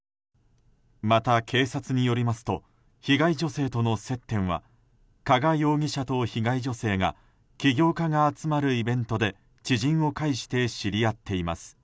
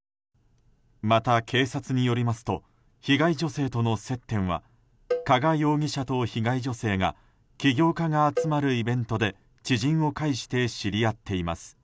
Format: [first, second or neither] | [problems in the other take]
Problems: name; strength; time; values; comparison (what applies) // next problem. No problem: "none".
first | background sound (Cowbell); 10 dB below the speech